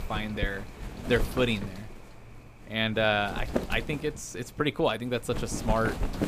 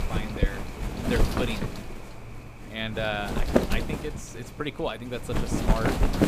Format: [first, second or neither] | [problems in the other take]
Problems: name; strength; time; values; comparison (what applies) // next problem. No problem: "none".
first | wind noise on the microphone; heavy; 1 dB above the speech; occasional gusts in the first